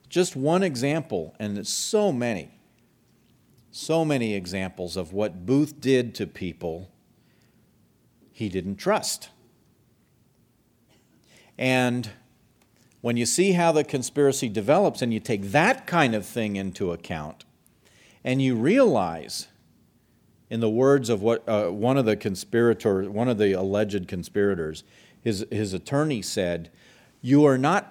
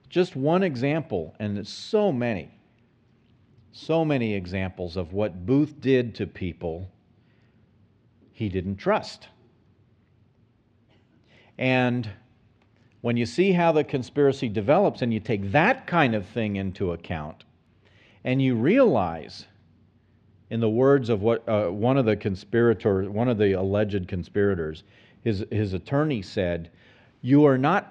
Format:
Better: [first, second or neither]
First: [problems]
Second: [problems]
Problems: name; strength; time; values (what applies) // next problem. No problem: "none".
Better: first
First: none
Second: muffled; slightly; fading above 3.5 kHz